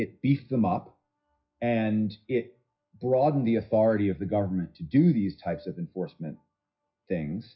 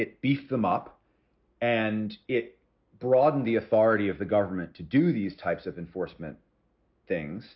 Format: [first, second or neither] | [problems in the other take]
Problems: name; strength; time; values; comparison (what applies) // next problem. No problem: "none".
second | noise reduction (classical method WPE with log-MMSE)